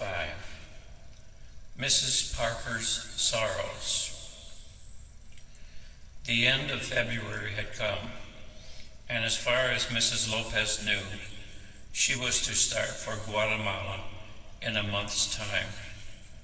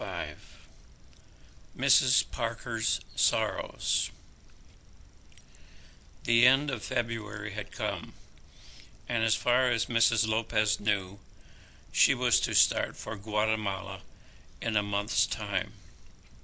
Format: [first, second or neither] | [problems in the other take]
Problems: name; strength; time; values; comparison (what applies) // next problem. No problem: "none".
second | room echo; dies away in 2.6 s